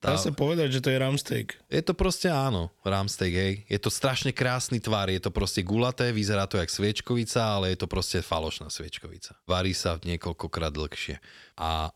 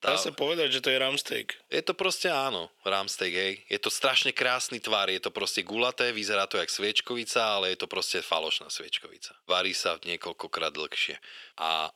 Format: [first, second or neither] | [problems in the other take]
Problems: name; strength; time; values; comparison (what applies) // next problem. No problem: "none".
first | thin; very; fading below 450 Hz